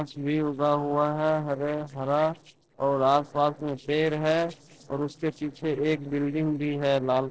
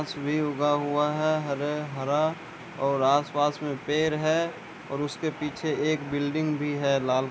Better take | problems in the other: second | noise reduction (neural separator model SepFormer DNS4)

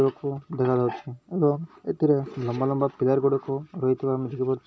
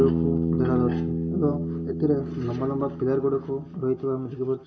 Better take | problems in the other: first | background sound (Bass guitar); 2 dB below the speech // room echo; dies away in 2.1 s

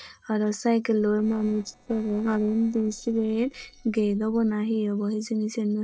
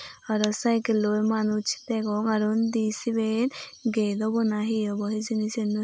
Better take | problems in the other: second | noise reduction (neural separator model SepFormer DNS4)

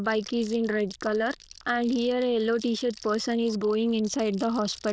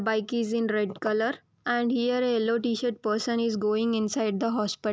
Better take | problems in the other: second | noise reduction (neural diffusion model UNIVERSE++)

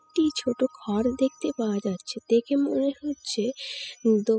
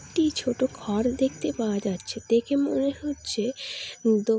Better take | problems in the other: second | noise reduction (classical method spectral subtraction)

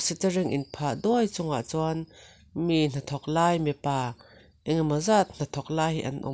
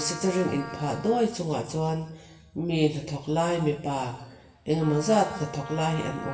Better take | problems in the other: first | background sound (Trumpet); 15 dB below the speech // room echo; dies away in 1 s

